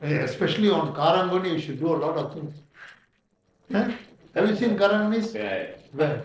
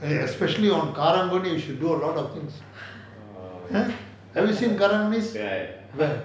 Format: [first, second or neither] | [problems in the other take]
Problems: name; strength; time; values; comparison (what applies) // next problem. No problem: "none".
second | noise reduction (neural separator model SepFormer DNS4)